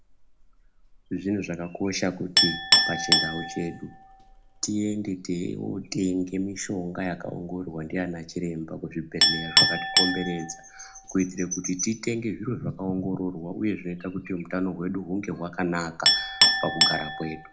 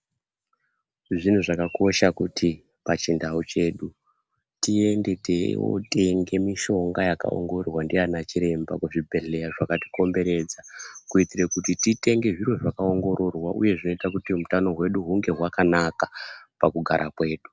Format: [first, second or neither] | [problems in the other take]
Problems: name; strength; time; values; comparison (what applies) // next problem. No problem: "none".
second | background sound (Chink, clink); 1 dB above the speech // room echo; dies away in 0.2 s